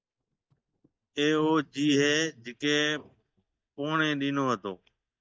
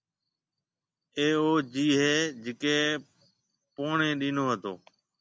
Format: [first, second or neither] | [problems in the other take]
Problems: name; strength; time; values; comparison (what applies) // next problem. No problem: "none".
second | noise reduction (neural mask model DeepFilterNet 3)